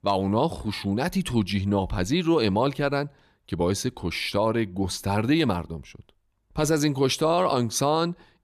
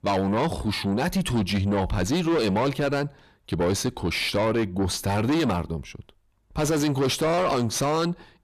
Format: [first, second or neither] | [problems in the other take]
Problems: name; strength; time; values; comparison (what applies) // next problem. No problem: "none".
first | distortion; heavy; 7 dB below the speech